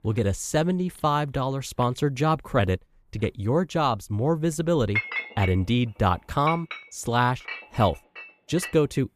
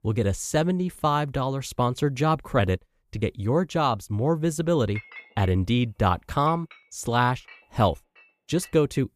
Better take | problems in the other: second | household noises; loud; throughout; 9 dB below the speech; faint in the second

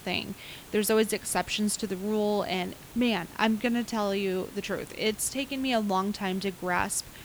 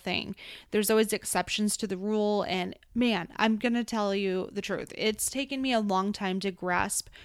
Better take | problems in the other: second | hiss; noticeable; throughout; 20 dB below the speech

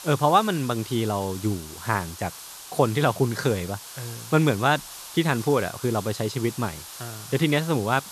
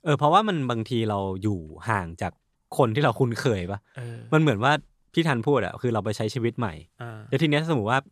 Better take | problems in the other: second | hiss; noticeable; throughout; 15 dB below the speech

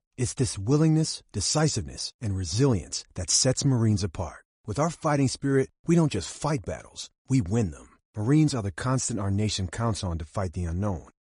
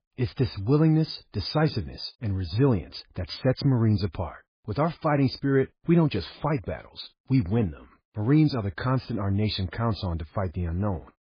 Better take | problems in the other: first | garbled, watery; badly; nothing above 5 kHz; slightly in the first

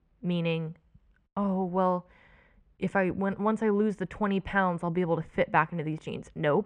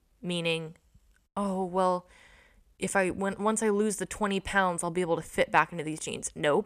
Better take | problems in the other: second | muffled; very; fading above 2 kHz

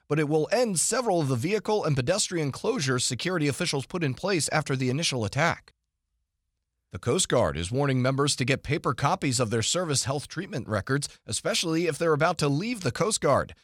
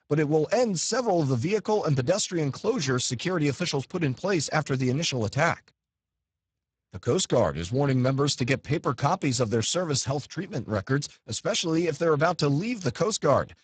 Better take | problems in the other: first | garbled, watery; badly; nothing above 8 kHz

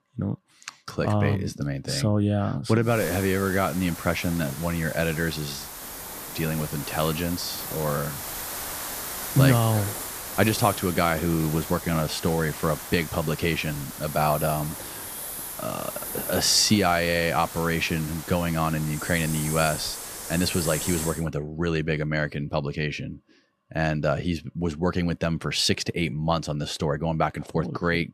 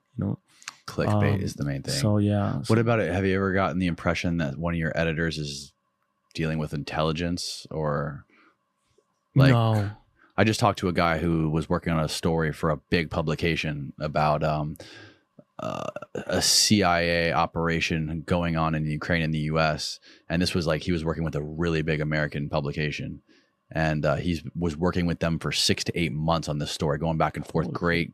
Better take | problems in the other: second | hiss; loud; from 3 to 21 s; 8 dB below the speech

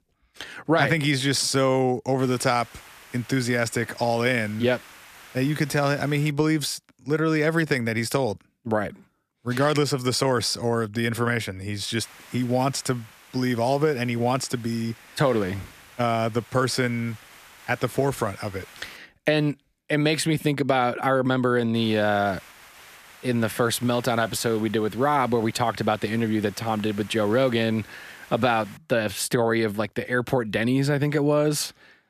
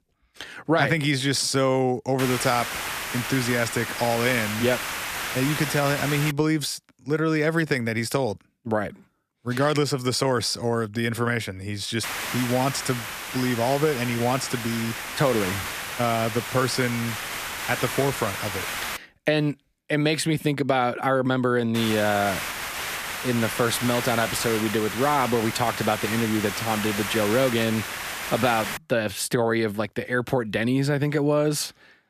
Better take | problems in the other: first | hiss; loud; from 2 to 6.5 s, from 12 to 19 s and from 22 to 29 s; 5 dB below the speech; faint in the first

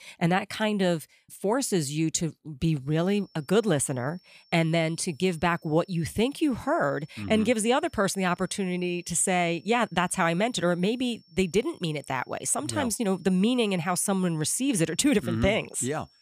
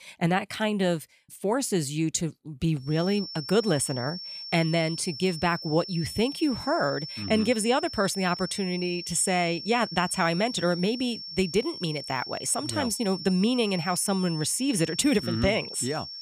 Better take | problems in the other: first | high-pitched whine; loud; from 3 s on; 5.5 kHz, 9 dB below the speech; faint in the first

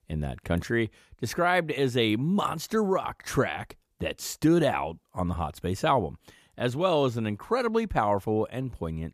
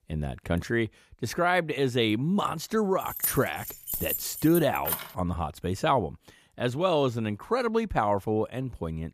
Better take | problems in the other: first | jangling keys; noticeable; from 3 to 5 s; peak 1 dB below the speech

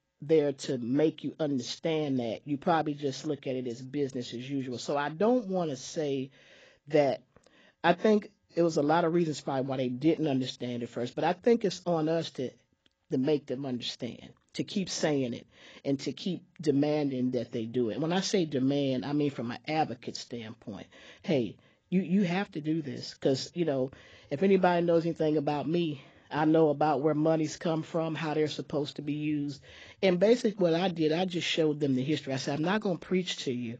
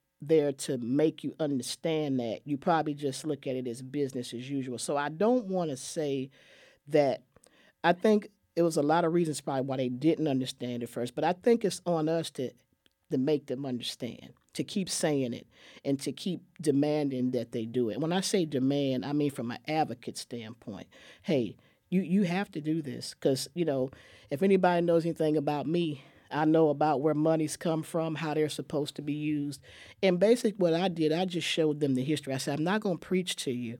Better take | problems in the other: second | garbled, watery; badly; nothing above 7.5 kHz

